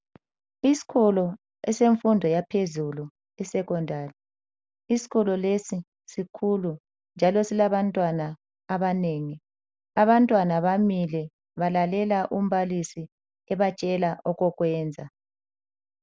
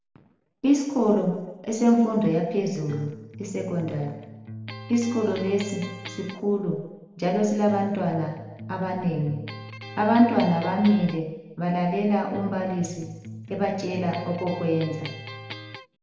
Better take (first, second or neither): first